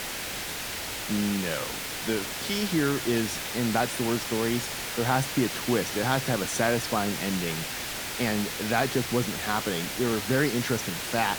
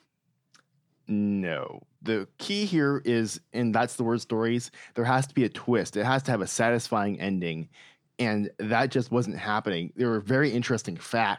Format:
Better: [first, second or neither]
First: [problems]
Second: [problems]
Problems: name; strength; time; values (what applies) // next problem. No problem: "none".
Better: second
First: hiss; loud; throughout; 3 dB below the speech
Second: none